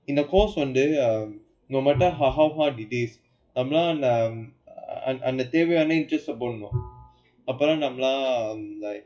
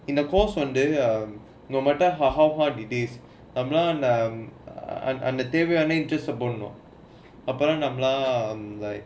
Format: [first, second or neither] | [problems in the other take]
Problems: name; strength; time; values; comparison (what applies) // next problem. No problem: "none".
second | noise reduction (classical method WPE with log-MMSE)